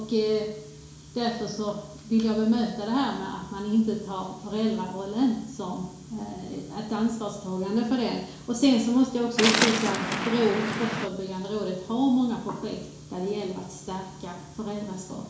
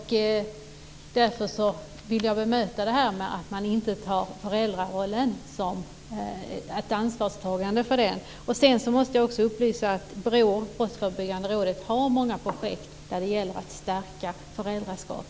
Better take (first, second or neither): second